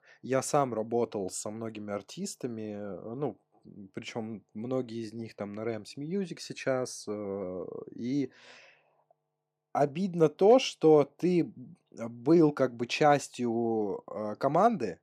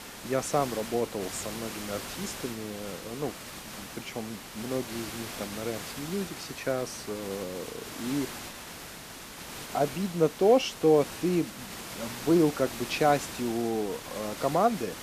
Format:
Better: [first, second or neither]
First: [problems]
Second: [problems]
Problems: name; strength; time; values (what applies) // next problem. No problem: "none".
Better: first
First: none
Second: hiss; loud; throughout; 9 dB below the speech